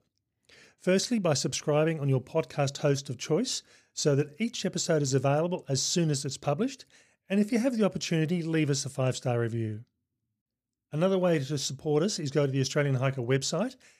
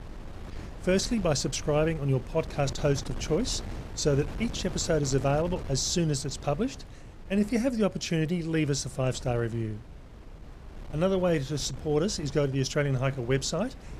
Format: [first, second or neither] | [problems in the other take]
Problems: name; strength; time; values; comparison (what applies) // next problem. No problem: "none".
first | wind noise on the microphone; occasional gusts; 20 dB below the speech